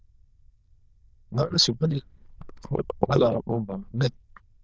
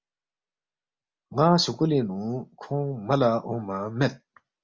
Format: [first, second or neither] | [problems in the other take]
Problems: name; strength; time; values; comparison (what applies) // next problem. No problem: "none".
second | noise reduction (neural diffusion model UNIVERSE++)